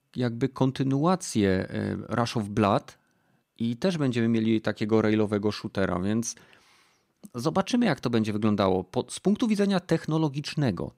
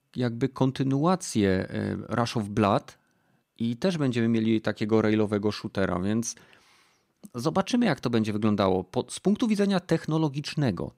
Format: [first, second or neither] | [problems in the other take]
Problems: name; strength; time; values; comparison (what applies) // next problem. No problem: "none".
neither | none